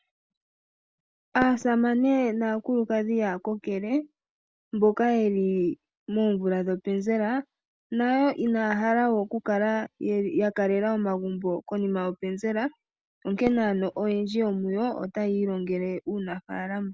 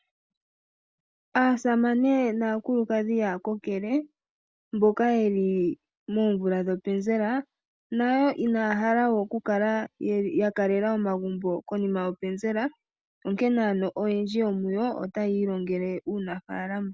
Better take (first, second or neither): second